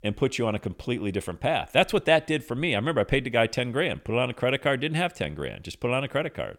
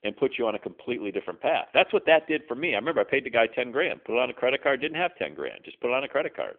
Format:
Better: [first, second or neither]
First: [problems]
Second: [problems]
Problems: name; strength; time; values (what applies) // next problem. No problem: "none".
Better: first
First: none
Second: phone-call audio; nothing above 3.5 kHz